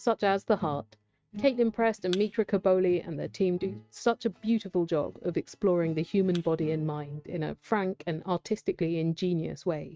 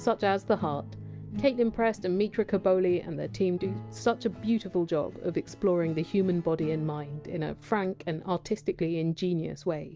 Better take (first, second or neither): second